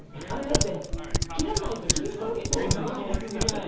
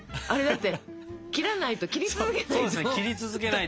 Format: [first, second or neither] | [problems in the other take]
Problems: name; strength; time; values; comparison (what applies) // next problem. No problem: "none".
second | background sound (Typing); 3 dB above the speech // room echo; dies away in 0.6 s